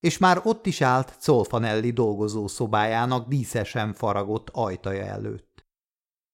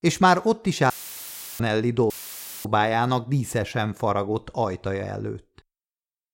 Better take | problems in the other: first | audio cutting out; filled with static; at 1 s for 0.5 s and at 2 s for 0.5 s

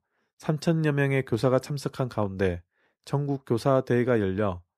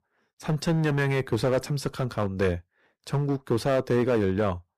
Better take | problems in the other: first | distortion; heavy; 7% of the sound clipped

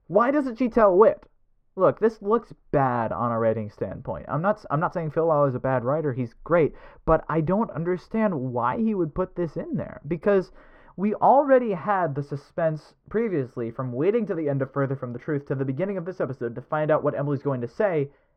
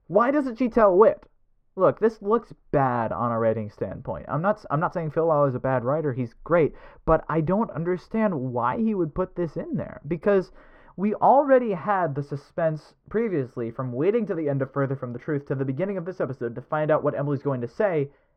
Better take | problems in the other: neither | muffled; very; fading above 3 kHz; the same in both

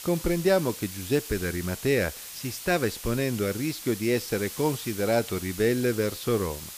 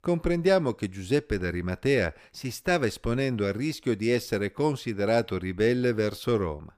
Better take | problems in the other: second | hiss; noticeable; throughout; 10 dB below the speech

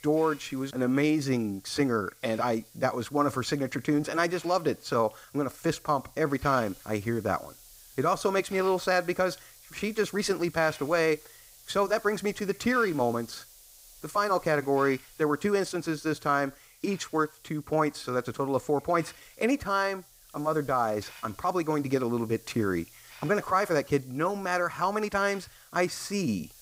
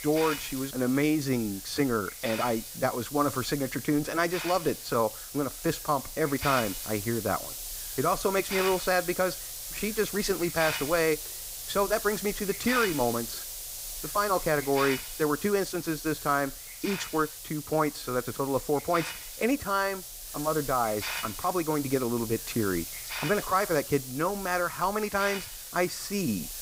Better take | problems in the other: first | hiss; loud; throughout; 7 dB below the speech; faint in the first

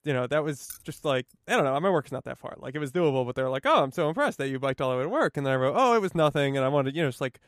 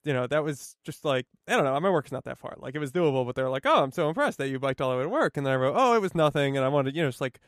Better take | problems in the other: second | jangling keys; faint; at 0.5 s; peak 15 dB below the speech

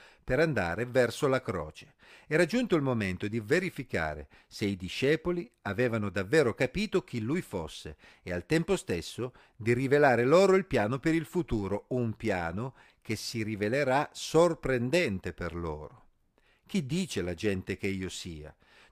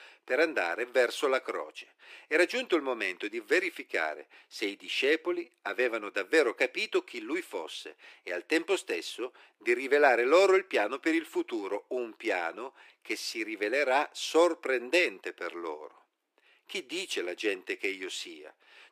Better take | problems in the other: first | thin; very; fading below 300 Hz

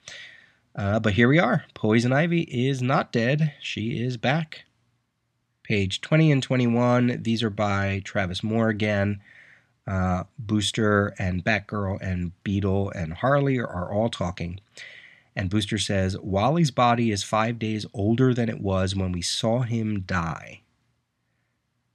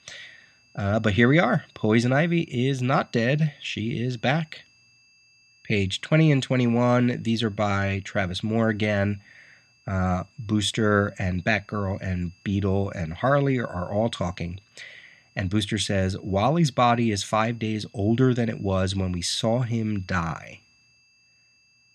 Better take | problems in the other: first | high-pitched whine; faint; throughout; 2.5 kHz, 35 dB below the speech

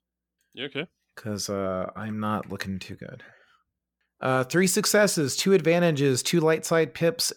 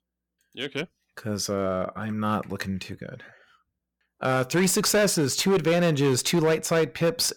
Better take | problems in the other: first | distortion; slight; 8% of the sound clipped

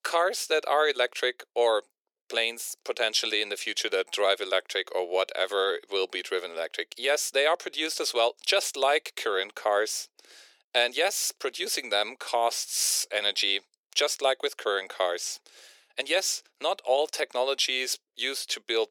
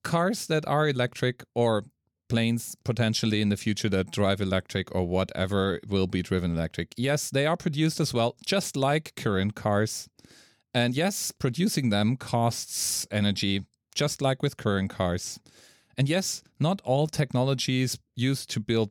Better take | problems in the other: second | thin; very; fading below 400 Hz

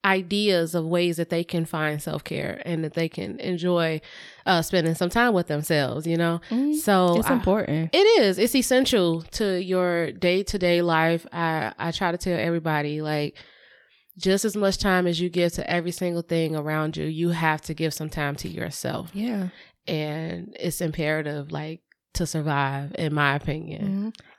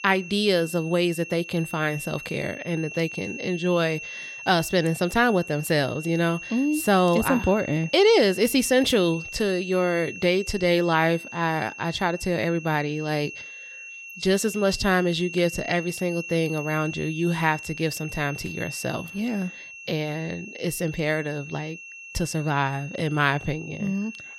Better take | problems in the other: first | high-pitched whine; noticeable; throughout; 2.5 kHz, 10 dB below the speech

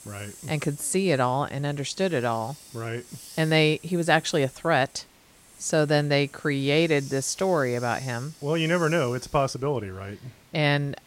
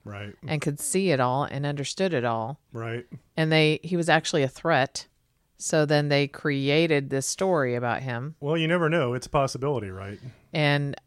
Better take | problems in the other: second | hiss; faint; throughout; 20 dB below the speech

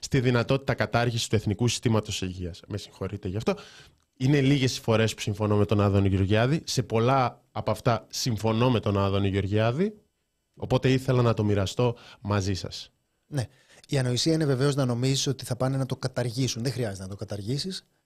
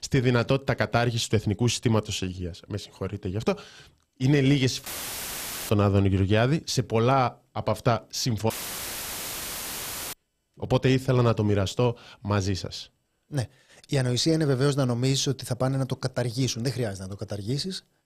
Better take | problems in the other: first | audio cutting out; filled with static; at 5 s for 1 s and at 8.5 s for 1.5 s

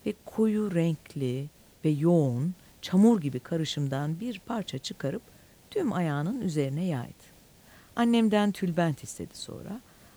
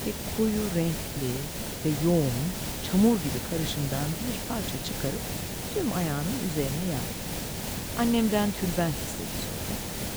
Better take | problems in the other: first | hiss; loud; throughout; 4 dB below the speech; faint in the first

